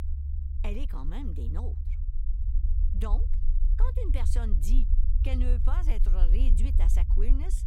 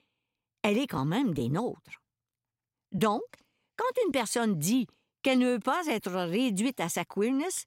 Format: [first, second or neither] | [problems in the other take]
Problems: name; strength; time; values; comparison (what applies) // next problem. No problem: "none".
second | low rumble; loud; throughout; 7 dB below the speech